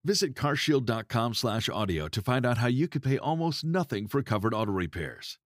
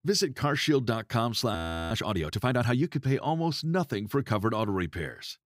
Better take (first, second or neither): first